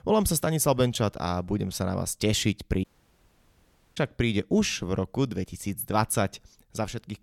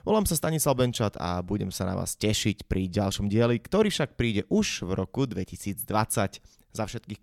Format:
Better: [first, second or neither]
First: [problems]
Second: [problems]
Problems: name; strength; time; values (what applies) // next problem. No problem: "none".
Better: second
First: audio cutting out; at 3 s for 1 s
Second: none